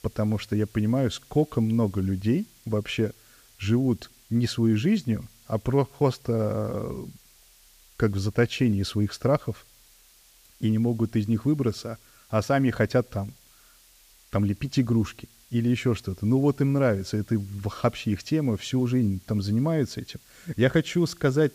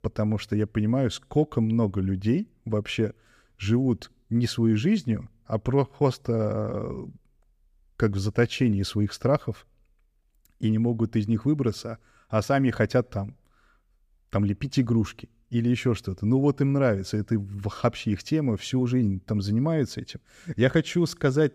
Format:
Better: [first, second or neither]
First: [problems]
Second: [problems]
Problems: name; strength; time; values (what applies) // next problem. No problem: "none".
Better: second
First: hiss; faint; throughout; 30 dB below the speech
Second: none